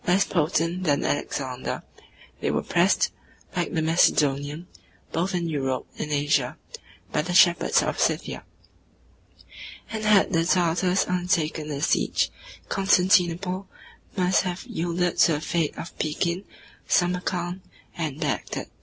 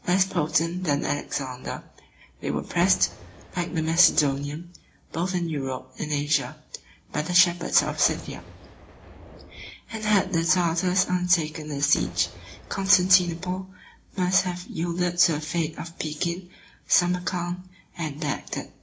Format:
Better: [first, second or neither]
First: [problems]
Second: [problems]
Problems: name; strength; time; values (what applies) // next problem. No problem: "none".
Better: first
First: none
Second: background sound (Boom); 16 dB below the speech // room echo; dies away in 0.4 s